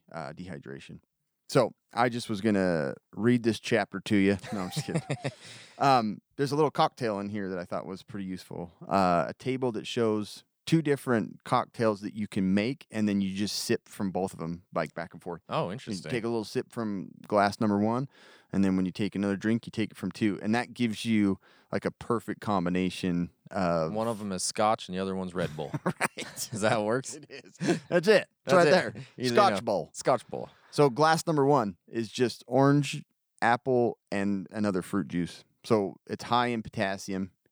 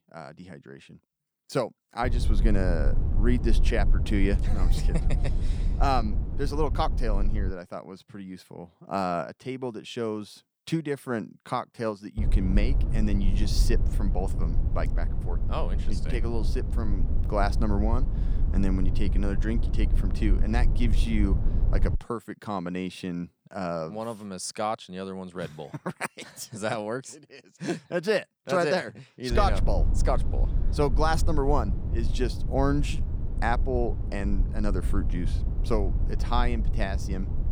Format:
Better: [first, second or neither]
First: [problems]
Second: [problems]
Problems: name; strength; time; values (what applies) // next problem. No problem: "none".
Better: first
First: none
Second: low rumble; noticeable; from 2 to 7.5 s, from 12 to 22 s and from 29 s on; 10 dB below the speech